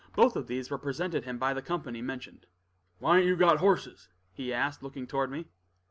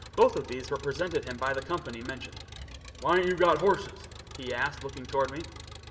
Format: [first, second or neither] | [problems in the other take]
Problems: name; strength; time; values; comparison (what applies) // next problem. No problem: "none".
first | background sound (Engine); 14 dB below the speech // room echo; dies away in 1.5 s